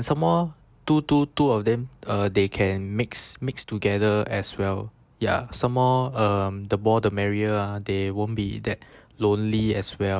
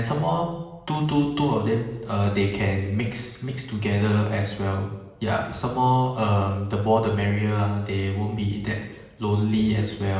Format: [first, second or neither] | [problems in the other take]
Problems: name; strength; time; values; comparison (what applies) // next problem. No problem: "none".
first | room echo; dies away in 1 s